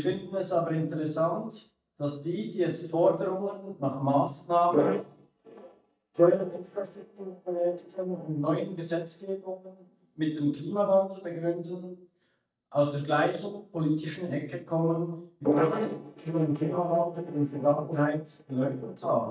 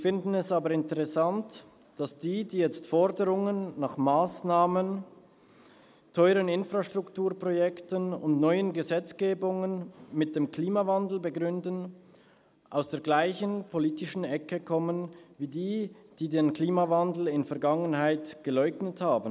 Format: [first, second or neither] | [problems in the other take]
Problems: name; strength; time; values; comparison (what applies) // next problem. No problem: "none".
second | noise reduction (neural mask model DeepFilterNet 3)